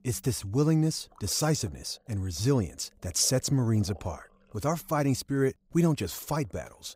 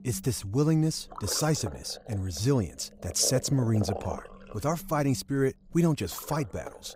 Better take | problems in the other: first | low rumble; loud; throughout; 10 dB below the speech; faint in the first

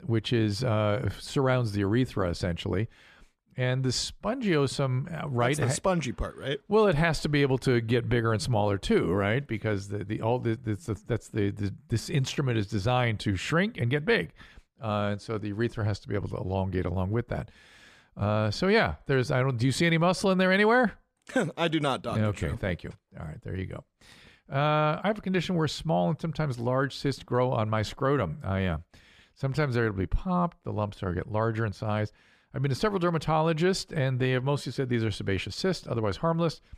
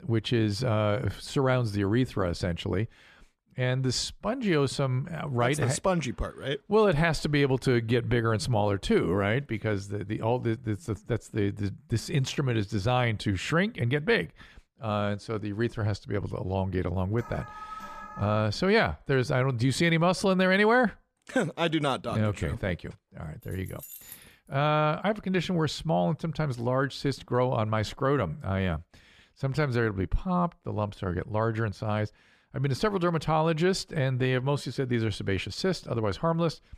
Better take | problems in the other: first | alarm; faint; from 17 to 18 s; peak 10 dB below the speech // jangling keys; faint; at 23 s; peak 15 dB below the speech

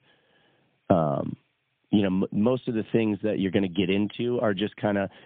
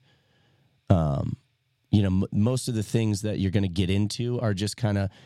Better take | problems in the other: second | phone-call audio; poor line; nothing above 3 kHz

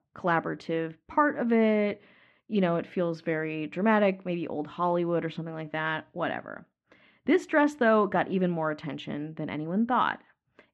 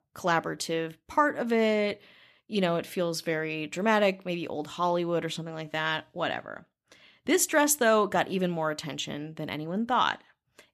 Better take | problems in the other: second | muffled; very; fading above 2 kHz

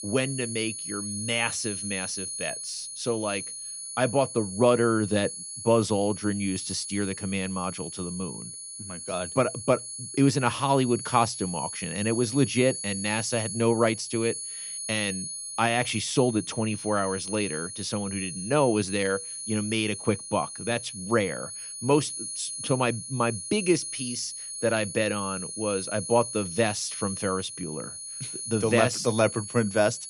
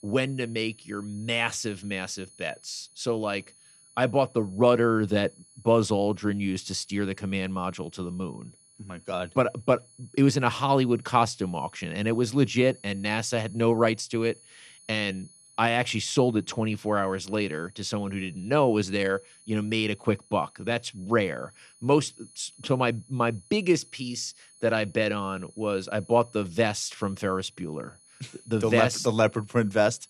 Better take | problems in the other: second | high-pitched whine; loud; throughout; 10 kHz, 7 dB below the speech; faint in the second

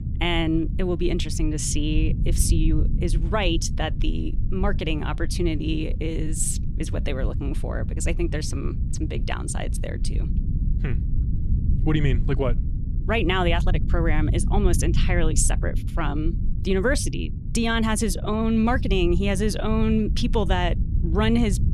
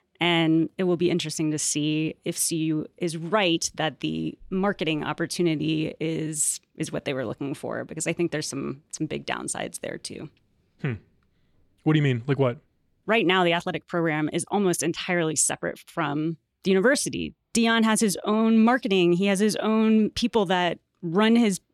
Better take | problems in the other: second | low rumble; noticeable; throughout; 15 dB below the speech

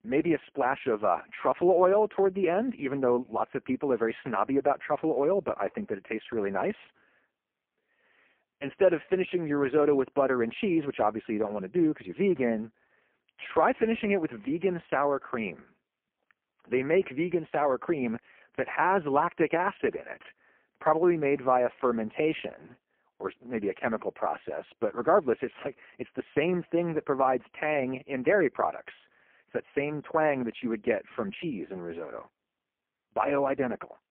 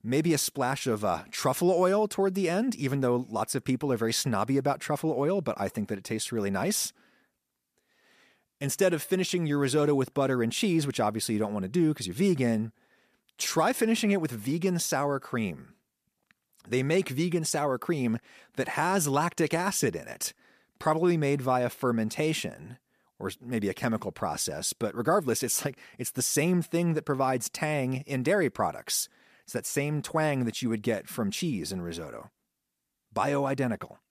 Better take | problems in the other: second | phone-call audio; poor line

